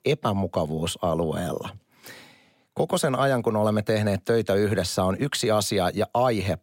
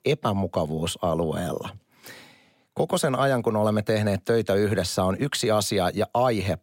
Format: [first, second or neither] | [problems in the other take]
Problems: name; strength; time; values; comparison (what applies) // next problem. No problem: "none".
neither | none